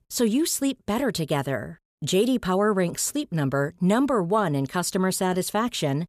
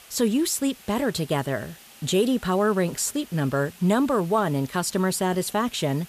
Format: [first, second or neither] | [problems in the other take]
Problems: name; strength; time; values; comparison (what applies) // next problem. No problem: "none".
first | hiss; faint; throughout; 20 dB below the speech